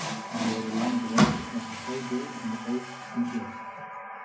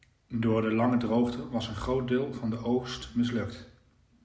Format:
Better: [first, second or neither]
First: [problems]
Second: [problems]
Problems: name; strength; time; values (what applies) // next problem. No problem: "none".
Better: second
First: background sound (Water tap, faucet); as loud as the speech // room echo; dies away in 0.4 s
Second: none